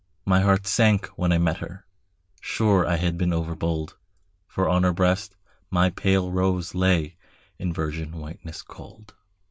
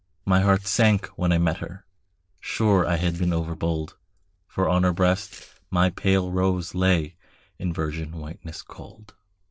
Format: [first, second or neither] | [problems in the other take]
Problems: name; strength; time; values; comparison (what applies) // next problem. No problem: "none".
first | noise reduction (neural separator model SepFormer DNS4)